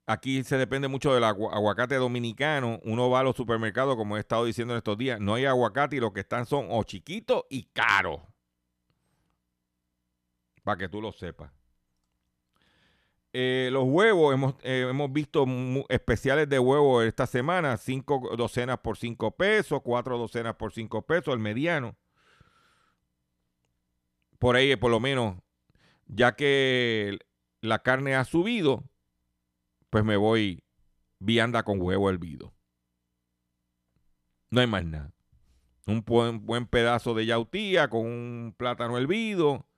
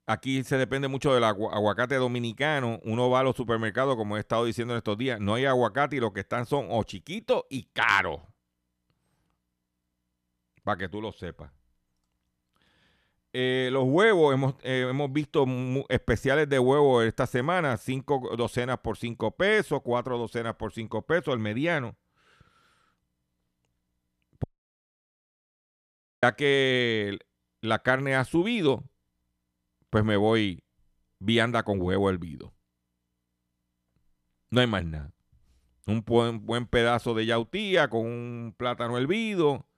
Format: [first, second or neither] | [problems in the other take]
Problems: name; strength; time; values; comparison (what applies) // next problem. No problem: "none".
first | audio cutting out; at 24 s for 2 s